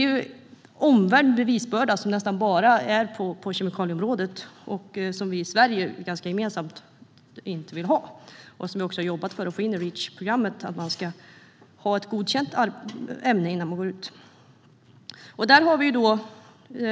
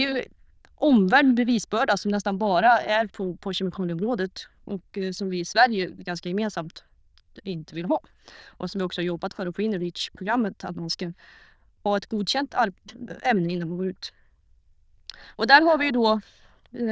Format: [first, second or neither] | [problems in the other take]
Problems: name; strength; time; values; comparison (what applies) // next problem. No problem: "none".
first | noise reduction (neural diffusion model UNIVERSE++)